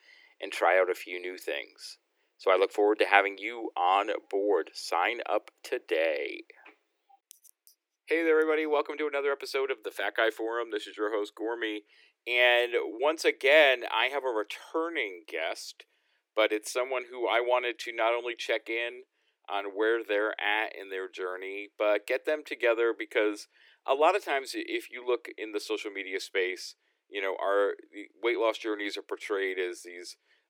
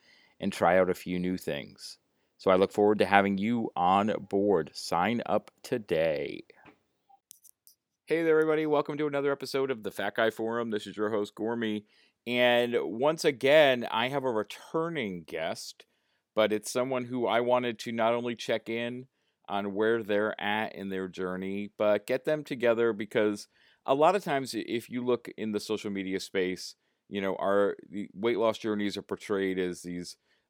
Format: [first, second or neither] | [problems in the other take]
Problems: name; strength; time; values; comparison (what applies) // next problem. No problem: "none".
second | thin; very; fading below 300 Hz